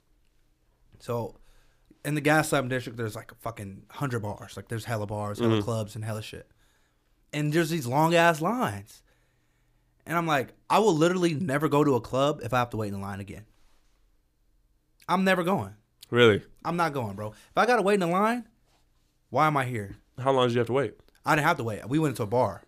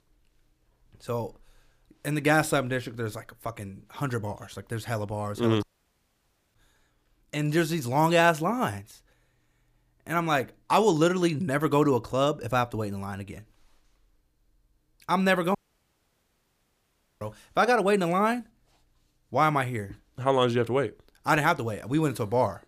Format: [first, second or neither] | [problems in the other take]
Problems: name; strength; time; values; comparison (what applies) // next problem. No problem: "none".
first | audio cutting out; at 5.5 s for 1 s and at 16 s for 1.5 s